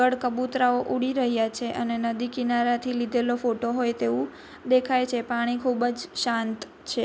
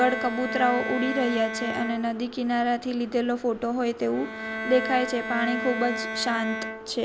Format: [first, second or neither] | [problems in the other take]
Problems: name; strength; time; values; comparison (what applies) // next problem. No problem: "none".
first | background sound (Bowed string instrument); 7 dB below the speech